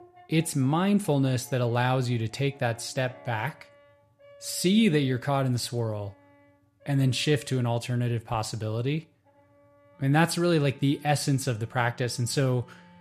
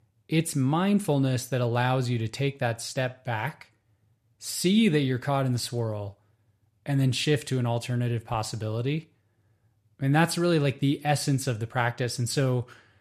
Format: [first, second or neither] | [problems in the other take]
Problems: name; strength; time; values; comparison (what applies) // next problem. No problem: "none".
second | background music; faint; throughout; 30 dB below the speech